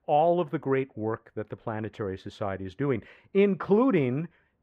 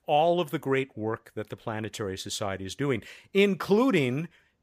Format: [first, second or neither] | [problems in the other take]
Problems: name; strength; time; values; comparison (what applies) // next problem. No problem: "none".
second | muffled; very; fading above 4 kHz